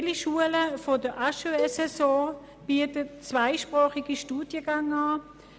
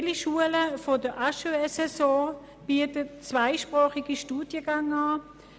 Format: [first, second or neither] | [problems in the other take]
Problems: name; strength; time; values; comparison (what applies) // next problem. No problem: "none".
second | background sound (Cowbell); 11 dB below the speech